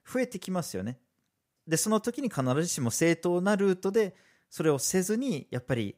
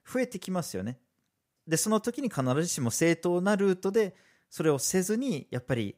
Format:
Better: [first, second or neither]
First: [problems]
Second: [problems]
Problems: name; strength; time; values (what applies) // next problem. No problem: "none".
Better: neither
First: none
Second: none